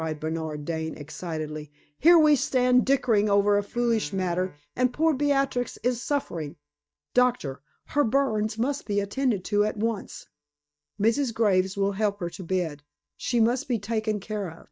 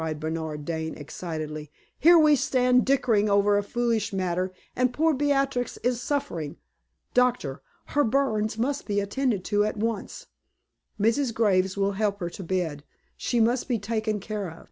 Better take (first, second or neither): second